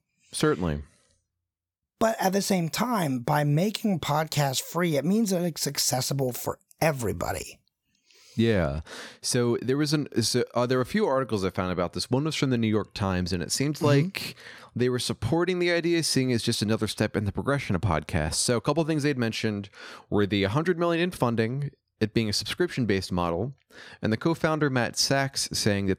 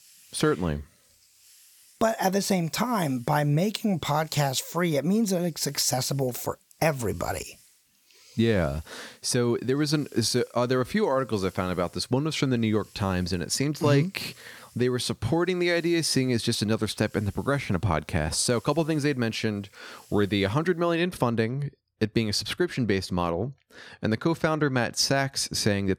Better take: first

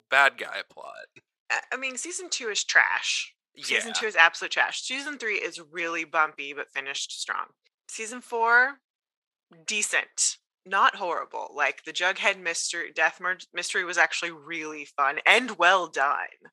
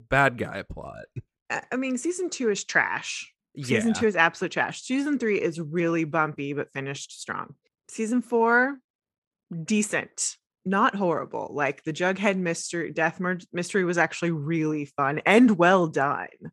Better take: second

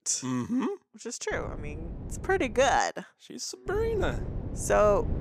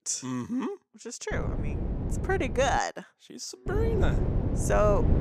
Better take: first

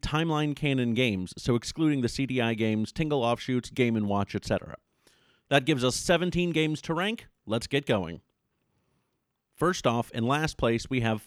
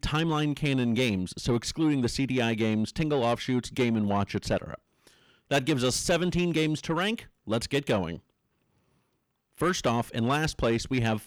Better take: first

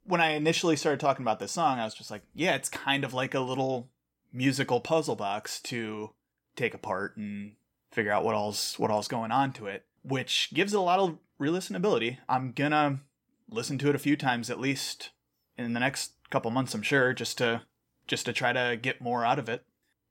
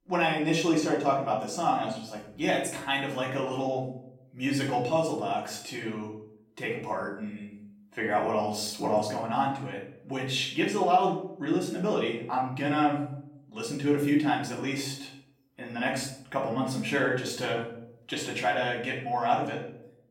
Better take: first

